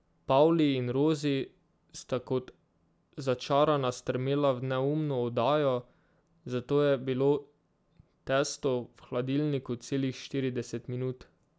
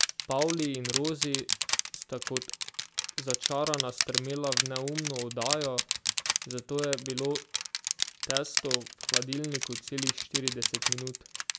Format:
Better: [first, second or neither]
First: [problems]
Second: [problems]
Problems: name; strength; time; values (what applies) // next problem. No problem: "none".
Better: first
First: none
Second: background sound (Crushing); 2 dB above the speech